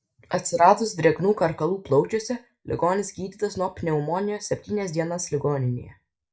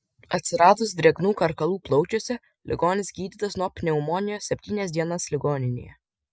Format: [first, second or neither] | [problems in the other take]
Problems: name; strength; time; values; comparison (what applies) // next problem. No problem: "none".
second | room echo; dies away in 0.3 s